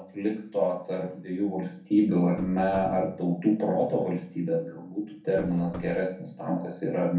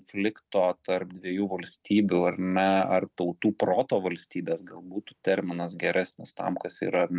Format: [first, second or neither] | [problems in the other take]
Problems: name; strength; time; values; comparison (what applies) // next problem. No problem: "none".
second | background sound (Knock / Wood); 18 dB below the speech // room echo; dies away in 0.5 s